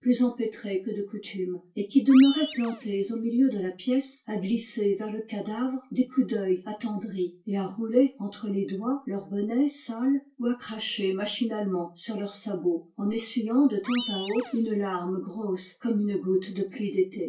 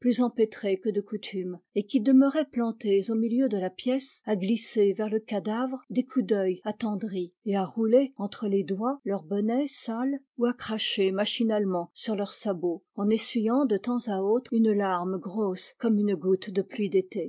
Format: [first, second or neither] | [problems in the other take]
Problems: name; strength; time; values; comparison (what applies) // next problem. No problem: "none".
second | background sound (Animal); 13 dB below the speech // room echo; dies away in 0.2 s